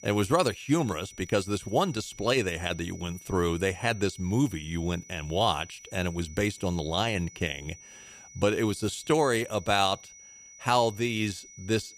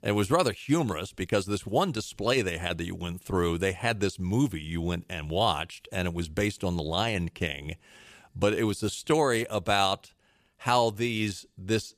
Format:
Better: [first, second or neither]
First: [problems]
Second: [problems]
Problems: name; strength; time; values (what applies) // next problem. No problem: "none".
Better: second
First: high-pitched whine; noticeable; throughout; 6 kHz, 20 dB below the speech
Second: none